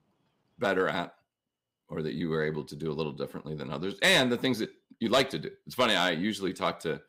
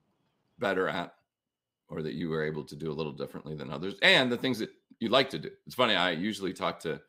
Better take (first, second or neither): second